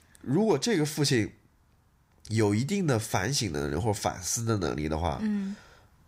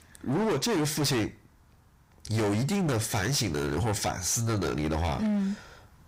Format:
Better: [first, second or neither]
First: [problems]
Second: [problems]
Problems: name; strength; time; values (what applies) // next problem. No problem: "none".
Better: first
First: none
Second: distortion; heavy; 23% of the sound clipped